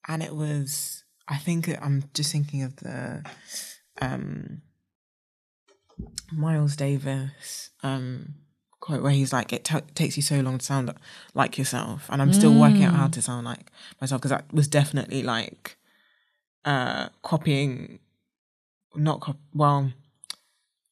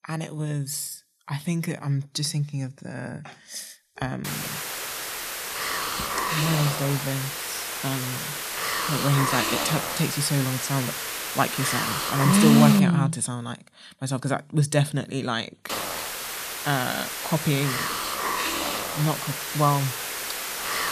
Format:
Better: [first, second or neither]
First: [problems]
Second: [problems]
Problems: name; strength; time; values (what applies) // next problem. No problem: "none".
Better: first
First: none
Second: hiss; loud; from 4.5 to 13 s and from 16 s on; 2 dB below the speech